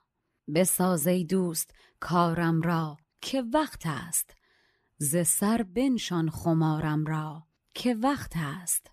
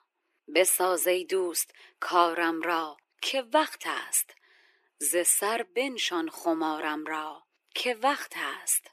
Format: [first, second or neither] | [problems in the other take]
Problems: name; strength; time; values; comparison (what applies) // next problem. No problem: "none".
first | thin; very; fading below 350 Hz